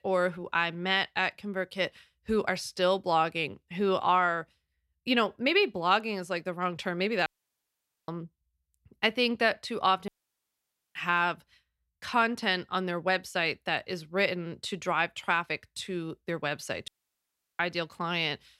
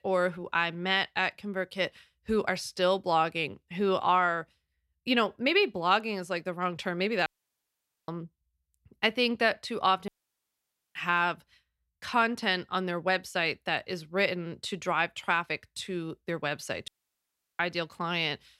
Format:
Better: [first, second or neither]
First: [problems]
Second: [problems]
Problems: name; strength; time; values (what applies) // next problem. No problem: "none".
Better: neither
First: audio cutting out; at 7.5 s for 1 s, at 10 s for 1 s and at 17 s for 0.5 s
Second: audio cutting out; at 7.5 s for 1 s, at 10 s for 1 s and at 17 s for 0.5 s